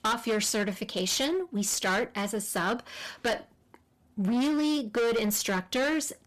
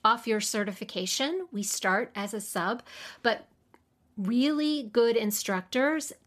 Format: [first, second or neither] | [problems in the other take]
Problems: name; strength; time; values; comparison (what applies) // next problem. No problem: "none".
second | distortion; heavy; 17% of the sound clipped